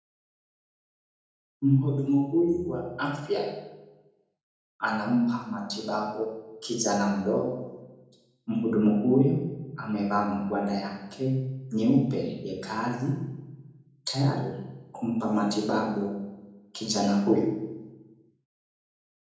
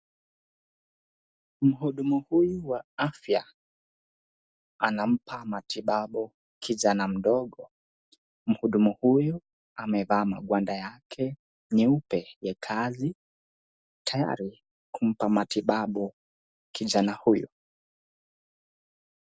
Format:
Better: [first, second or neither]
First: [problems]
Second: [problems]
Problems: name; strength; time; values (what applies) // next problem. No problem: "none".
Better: second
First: room echo; dies away in 0.9 s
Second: none